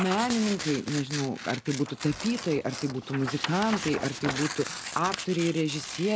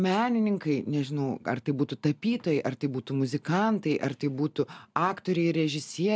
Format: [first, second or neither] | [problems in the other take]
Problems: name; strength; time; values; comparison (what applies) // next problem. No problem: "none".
second | background sound (Tearing); 8 dB below the speech